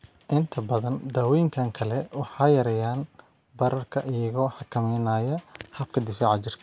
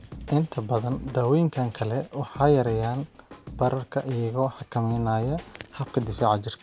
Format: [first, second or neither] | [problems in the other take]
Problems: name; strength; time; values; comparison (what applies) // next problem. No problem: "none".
first | background sound (Drum kit); 18 dB below the speech